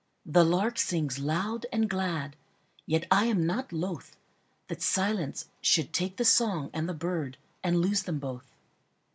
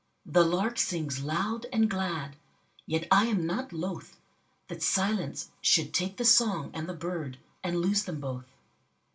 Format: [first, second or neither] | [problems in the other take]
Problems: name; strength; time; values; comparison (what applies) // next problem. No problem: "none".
first | room echo; dies away in 0.2 s